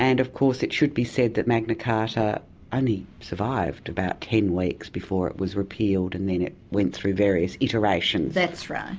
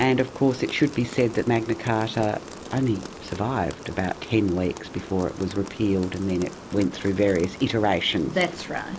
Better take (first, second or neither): first